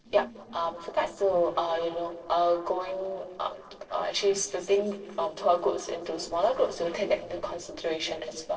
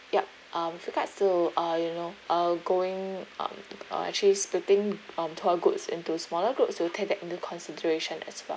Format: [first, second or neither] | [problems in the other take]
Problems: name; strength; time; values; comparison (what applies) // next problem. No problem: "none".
second | noise reduction (neural separator model SepFormer DNS4)